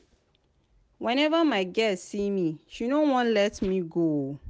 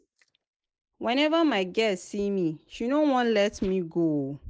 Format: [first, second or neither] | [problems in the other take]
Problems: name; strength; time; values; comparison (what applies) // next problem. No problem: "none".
first | noise reduction (neural mask model Resemble Enhance denoiser)